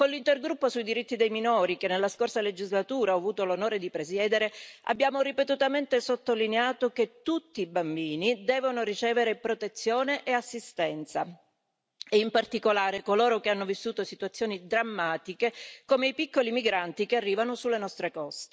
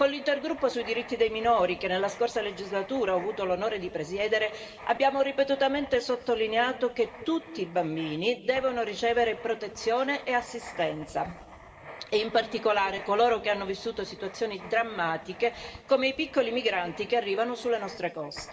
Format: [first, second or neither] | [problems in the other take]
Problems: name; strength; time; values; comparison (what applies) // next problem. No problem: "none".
first | background sound (Writing); 19 dB below the speech // room echo; dies away in 1.9 s